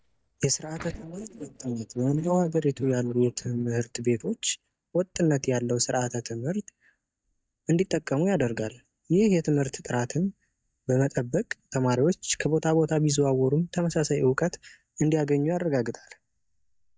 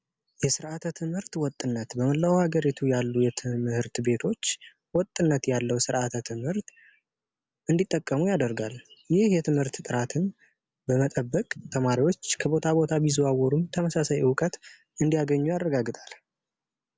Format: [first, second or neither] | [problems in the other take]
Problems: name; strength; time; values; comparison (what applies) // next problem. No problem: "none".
second | noise reduction (neural mask model DeepFilterNet 3)